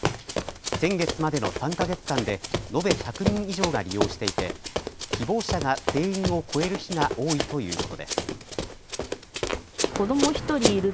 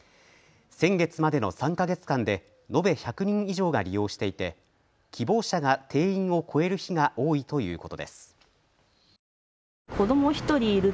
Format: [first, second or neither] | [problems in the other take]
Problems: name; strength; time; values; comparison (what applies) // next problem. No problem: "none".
second | background sound (Run); 2 dB below the speech